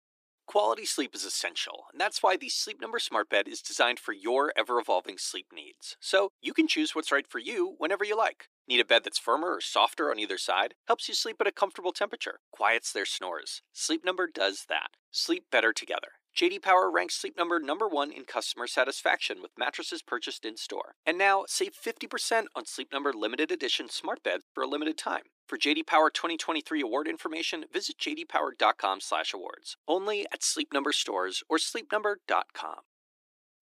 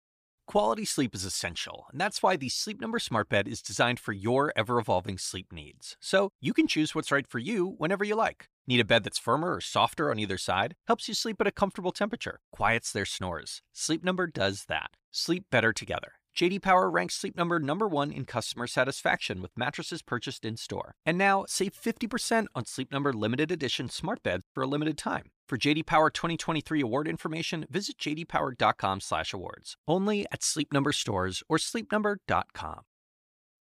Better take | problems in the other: second | thin; somewhat; fading below 300 Hz

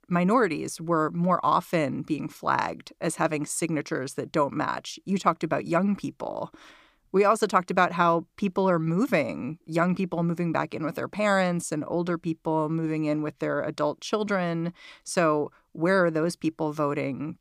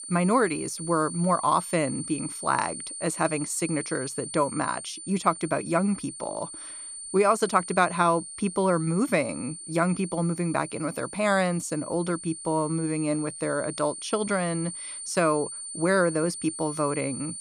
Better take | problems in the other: first | high-pitched whine; loud; throughout; 9 kHz, 9 dB below the speech

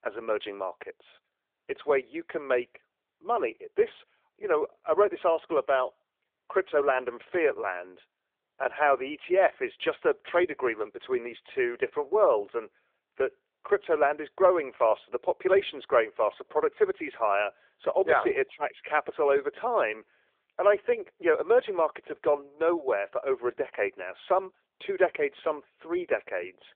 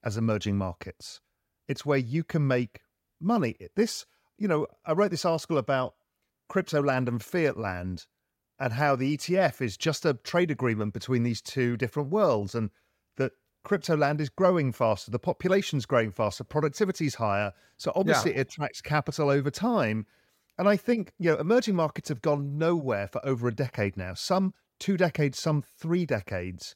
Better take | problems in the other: second | phone-call audio; nothing above 3.5 kHz

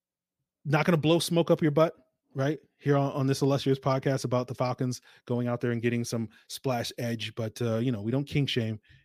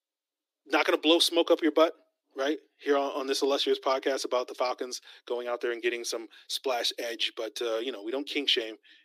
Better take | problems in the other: first | thin; somewhat; fading below 300 Hz

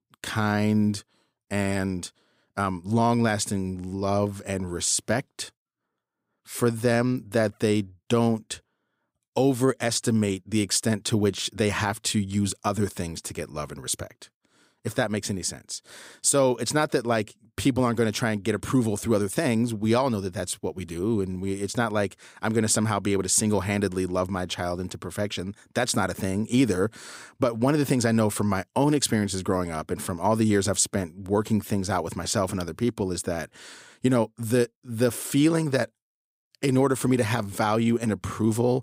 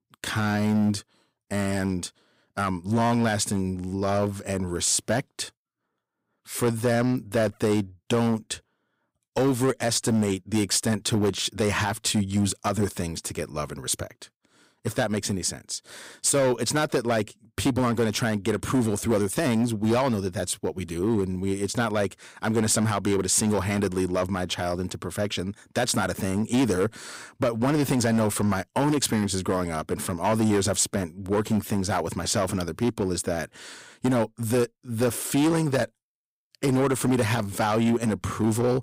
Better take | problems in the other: first | distortion; slight; 8% of the sound clipped

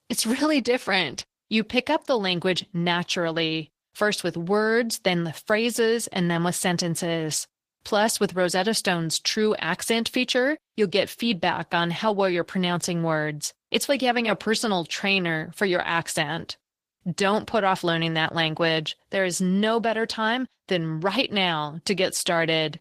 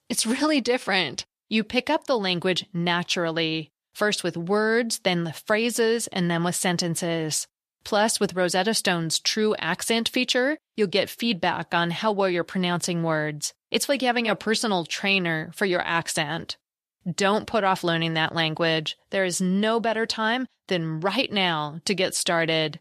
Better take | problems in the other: second | garbled, watery; slightly

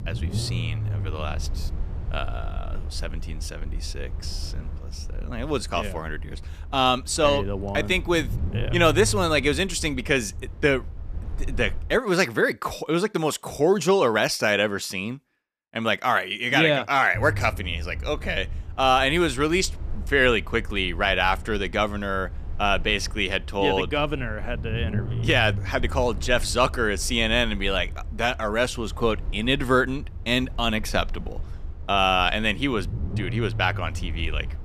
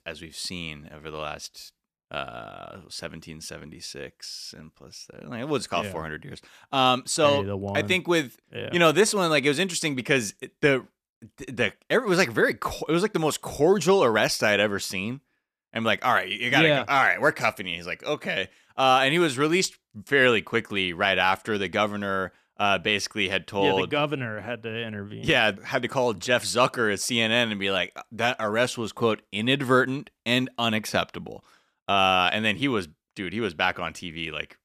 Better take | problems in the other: second | low rumble; faint; until 12 s and from 17 s on; 25 dB below the speech

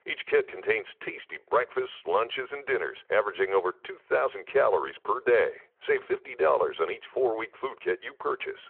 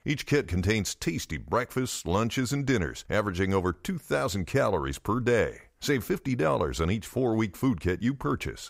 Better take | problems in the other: second | phone-call audio

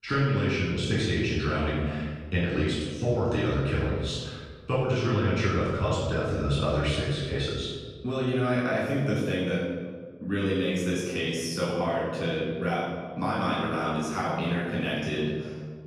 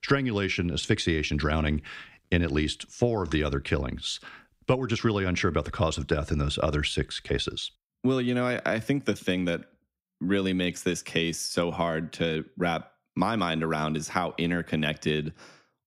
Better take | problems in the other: second | off-mic speech; far // room echo; strong; dies away in 1.4 s

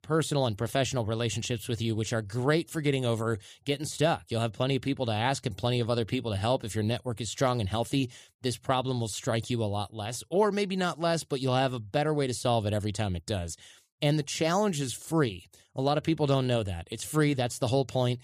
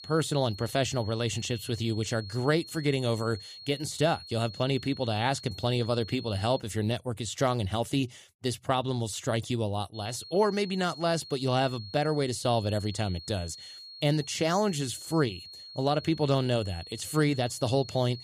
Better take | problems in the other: first | high-pitched whine; noticeable; until 6.5 s and from 10 s on; 4.5 kHz, 15 dB below the speech

